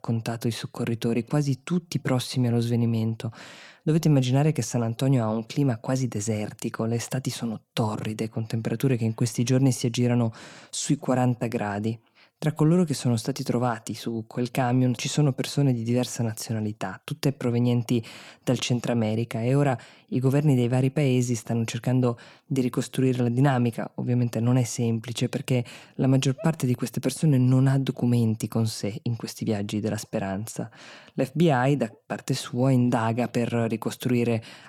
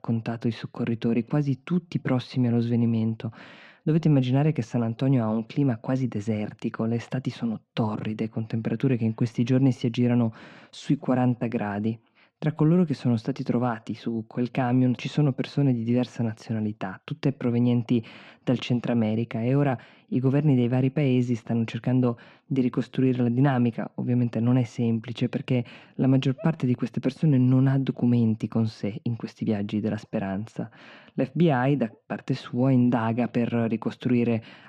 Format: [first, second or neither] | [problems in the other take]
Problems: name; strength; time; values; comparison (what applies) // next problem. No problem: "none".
first | muffled; slightly; fading above 2.5 kHz